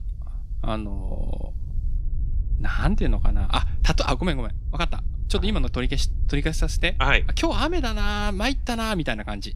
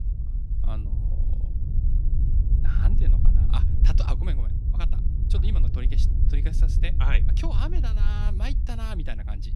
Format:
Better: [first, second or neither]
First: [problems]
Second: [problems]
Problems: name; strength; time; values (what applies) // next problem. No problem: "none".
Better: first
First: wind noise on the microphone; occasional gusts; 25 dB below the speech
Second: wind noise on the microphone; heavy; 5 dB below the speech